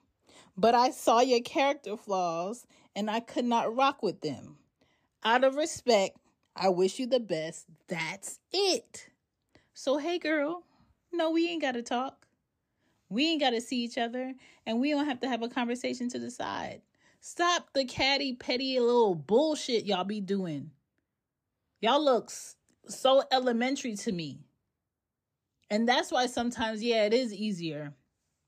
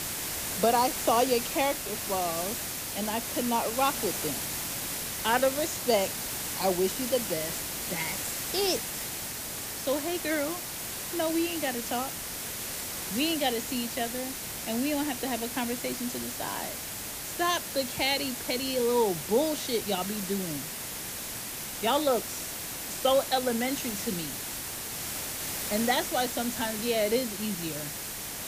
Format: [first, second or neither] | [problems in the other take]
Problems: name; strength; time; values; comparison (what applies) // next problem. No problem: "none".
first | hiss; loud; throughout; 3 dB below the speech